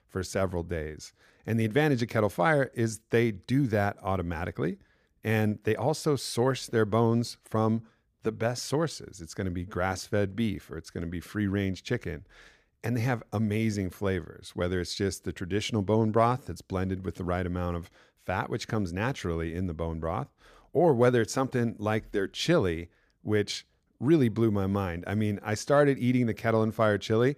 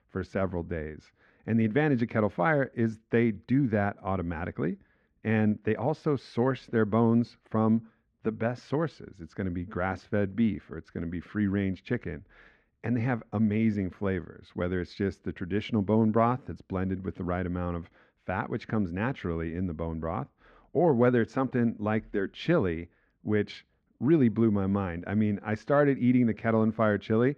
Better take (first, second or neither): first